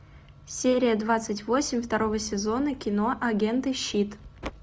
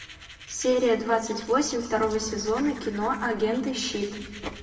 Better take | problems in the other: first | background sound (Domestic sounds, home sounds); 20 dB below the speech // room echo; dies away in 1.6 s

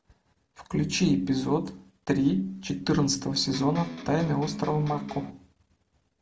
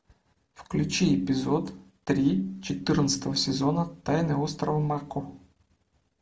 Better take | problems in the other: second | background sound (Electric guitar); 11 dB below the speech

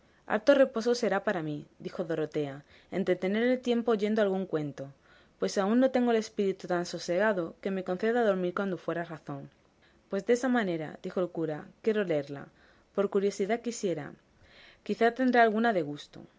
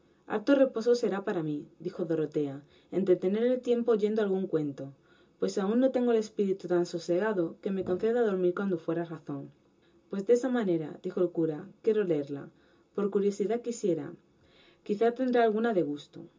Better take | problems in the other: first | background sound (Brass instrument); 18 dB below the speech // room echo; dies away in 0.2 s

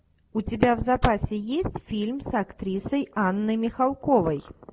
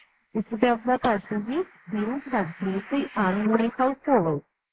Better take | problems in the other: first | noise reduction (neural mask model Resemble Enhance denoiser)

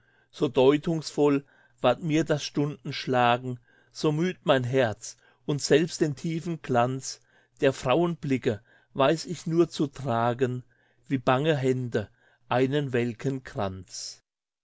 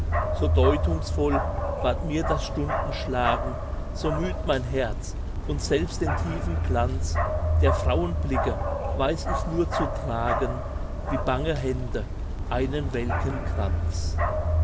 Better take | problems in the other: first | background sound (Bark); 3 dB above the speech

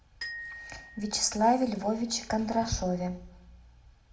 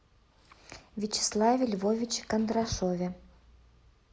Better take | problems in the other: second | background sound (Glockenspiel); 17 dB below the speech // room echo; dies away in 0.4 s

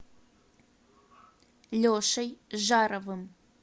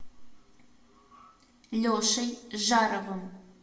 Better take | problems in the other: first | room echo; dies away in 0.6 s

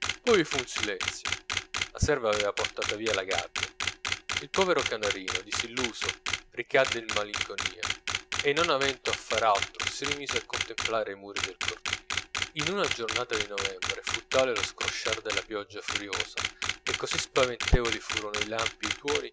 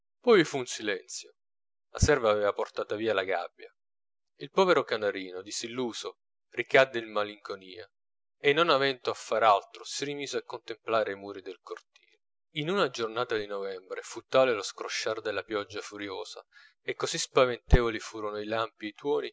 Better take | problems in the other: second | background sound (Camera); 2 dB below the speech

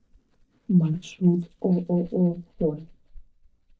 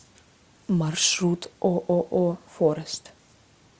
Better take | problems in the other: second | noise reduction (neural mask model DeepFilterNet 3)

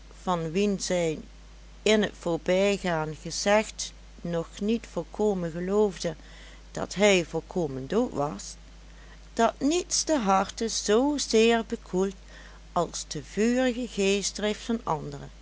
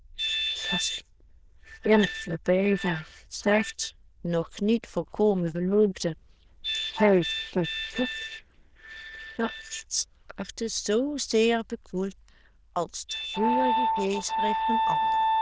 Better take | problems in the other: first | noise reduction (neural diffusion model UNIVERSE++)

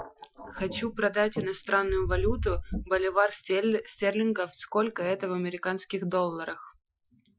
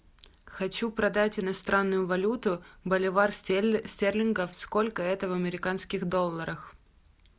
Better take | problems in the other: second | noise reduction (classical method Wiener filter)

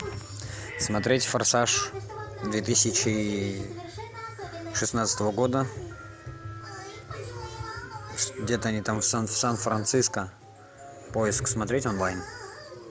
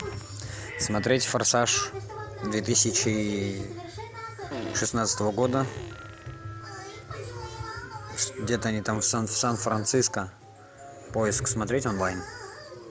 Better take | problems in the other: first | background sound (Fart); 13 dB below the speech

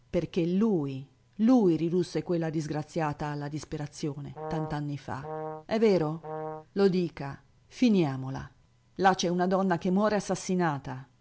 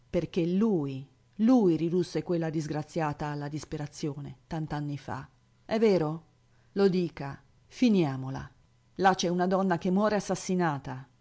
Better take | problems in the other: second | background sound (Brass instrument); 11 dB below the speech

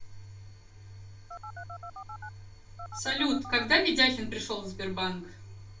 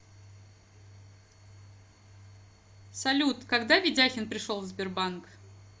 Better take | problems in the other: second | background sound (Telephone); 11 dB below the speech // room echo; dies away in 0.3 s

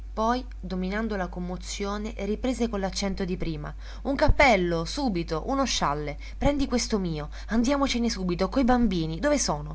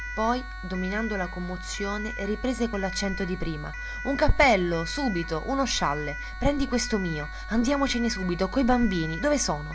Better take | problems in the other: first | background sound (Siren); 12 dB below the speech

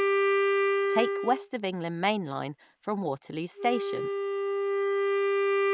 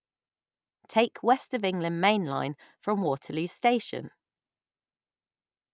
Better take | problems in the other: second | background sound (Wind instrument, woodwind instrument); 4 dB above the speech

